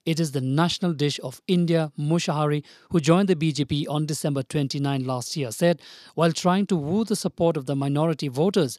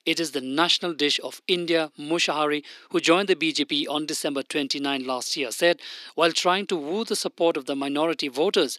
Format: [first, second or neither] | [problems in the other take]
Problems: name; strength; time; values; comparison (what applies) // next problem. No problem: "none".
first | thin; somewhat; fading below 300 Hz